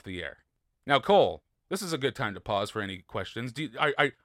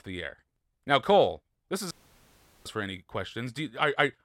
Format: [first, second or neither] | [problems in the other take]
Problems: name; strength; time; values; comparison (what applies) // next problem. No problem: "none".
first | audio cutting out; at 2 s for 0.5 s